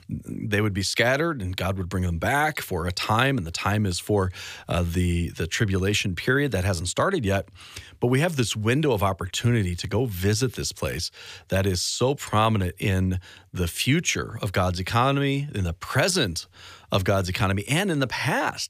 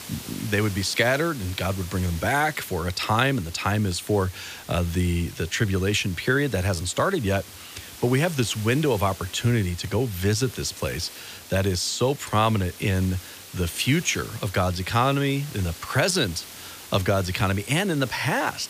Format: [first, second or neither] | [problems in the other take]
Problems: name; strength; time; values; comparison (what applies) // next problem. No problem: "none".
first | hiss; noticeable; throughout; 15 dB below the speech